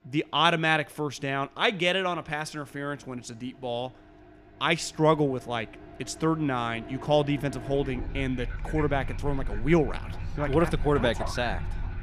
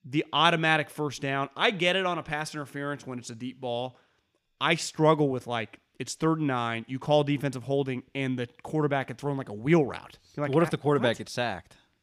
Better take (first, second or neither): second